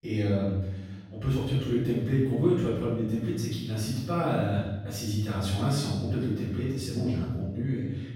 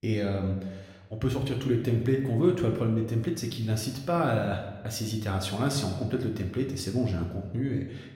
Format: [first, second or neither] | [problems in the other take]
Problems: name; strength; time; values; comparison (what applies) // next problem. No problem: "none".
second | room echo; strong; dies away in 1.1 s; slight in the second // off-mic speech; far